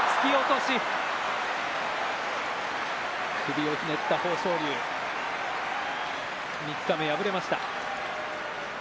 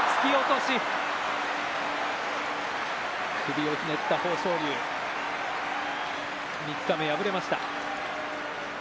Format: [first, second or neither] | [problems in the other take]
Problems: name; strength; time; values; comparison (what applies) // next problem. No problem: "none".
first | background sound (Piano); 19 dB below the speech